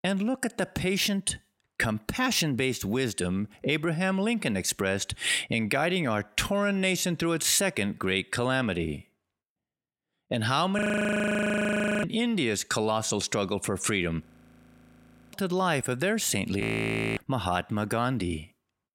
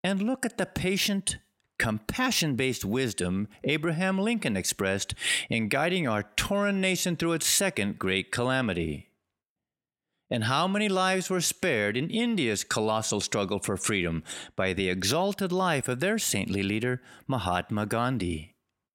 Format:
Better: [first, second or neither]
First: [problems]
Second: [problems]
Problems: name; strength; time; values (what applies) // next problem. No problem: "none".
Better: second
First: audio freezing; at 11 s for 1.5 s, at 14 s for 1 s and at 17 s for 0.5 s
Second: none